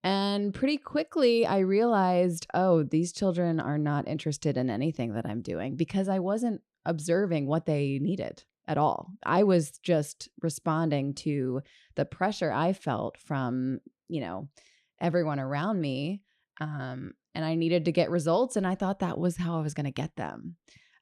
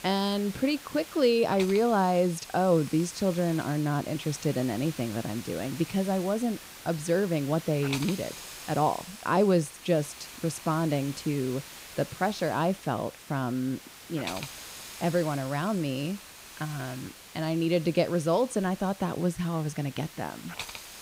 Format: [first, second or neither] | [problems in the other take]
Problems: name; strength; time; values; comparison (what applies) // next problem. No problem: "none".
first | hiss; noticeable; throughout; 15 dB below the speech